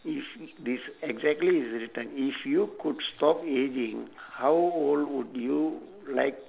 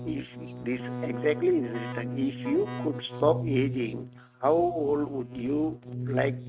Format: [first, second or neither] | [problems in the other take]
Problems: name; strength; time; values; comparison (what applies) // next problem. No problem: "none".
first | noise reduction (neural mask model RNNoise)